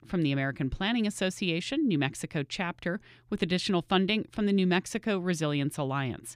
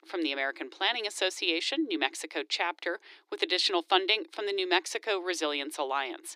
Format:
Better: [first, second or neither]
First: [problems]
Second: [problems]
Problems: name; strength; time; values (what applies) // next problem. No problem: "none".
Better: first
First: none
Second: thin; very; fading below 300 Hz